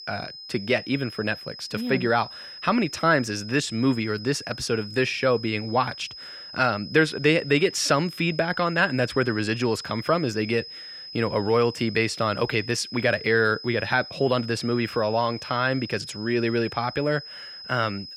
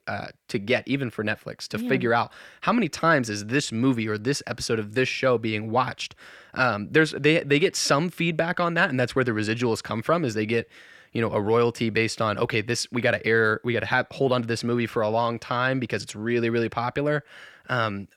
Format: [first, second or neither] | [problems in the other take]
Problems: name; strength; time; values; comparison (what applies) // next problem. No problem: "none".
second | high-pitched whine; noticeable; throughout; 5 kHz, 15 dB below the speech